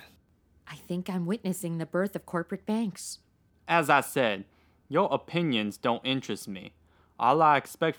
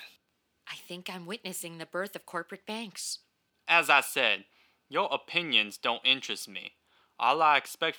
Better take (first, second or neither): first